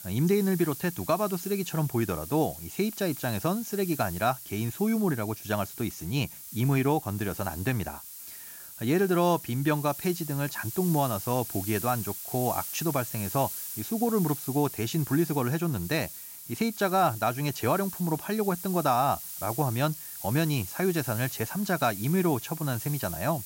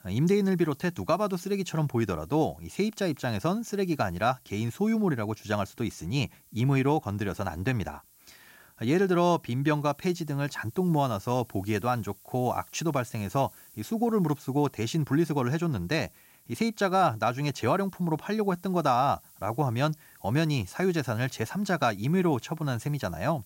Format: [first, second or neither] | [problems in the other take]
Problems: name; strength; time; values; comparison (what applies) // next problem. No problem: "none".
second | hiss; loud; throughout; 9 dB below the speech; faint in the second